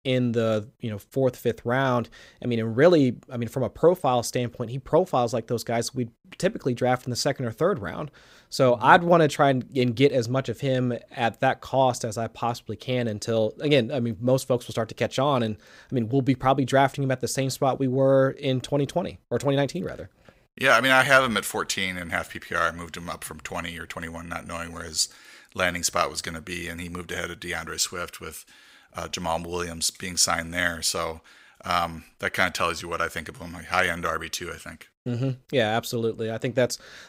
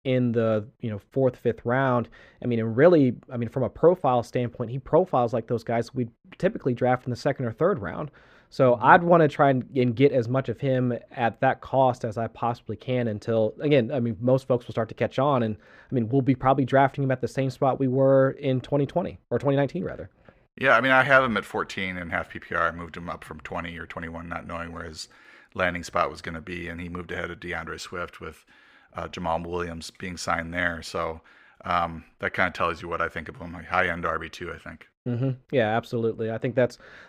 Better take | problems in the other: first | muffled; slightly; fading above 4 kHz

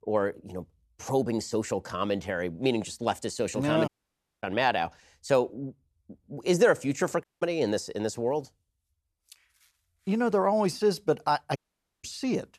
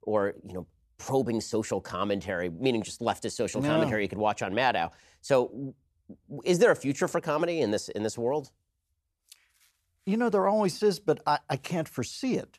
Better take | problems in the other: second | audio cutting out; at 4 s for 0.5 s, at 7 s and at 12 s

